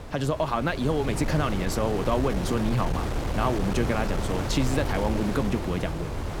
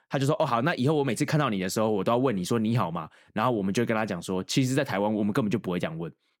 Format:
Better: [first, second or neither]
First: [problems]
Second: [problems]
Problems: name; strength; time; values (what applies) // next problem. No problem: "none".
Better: second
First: wind noise on the microphone; heavy; 5 dB below the speech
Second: none